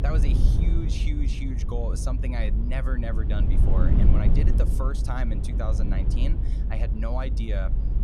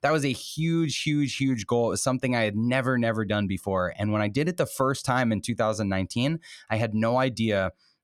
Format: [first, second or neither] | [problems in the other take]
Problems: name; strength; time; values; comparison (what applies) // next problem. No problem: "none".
second | low rumble; loud; throughout; 3 dB below the speech